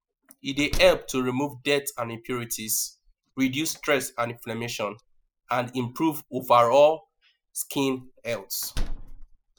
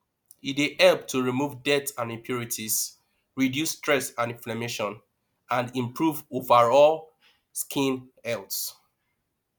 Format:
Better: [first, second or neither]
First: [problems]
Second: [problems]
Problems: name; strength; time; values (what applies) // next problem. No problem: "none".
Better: second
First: noise reduction (classical method spectral subtraction)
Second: none